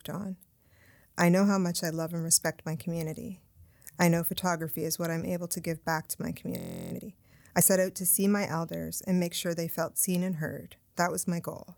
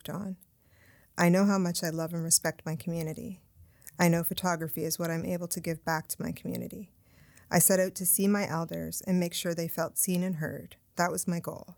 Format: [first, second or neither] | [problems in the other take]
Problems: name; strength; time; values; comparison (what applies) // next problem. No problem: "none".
second | audio freezing; at 6.5 s